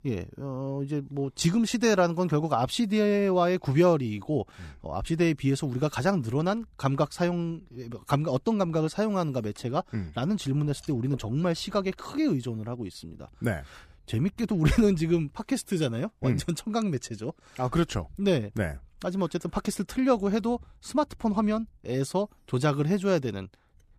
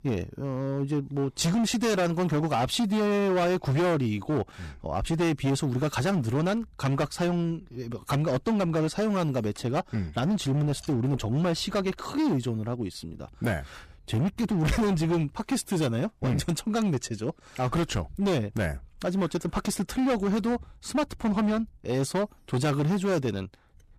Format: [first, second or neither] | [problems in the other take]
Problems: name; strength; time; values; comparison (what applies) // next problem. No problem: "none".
first | distortion; heavy; 17% of the sound clipped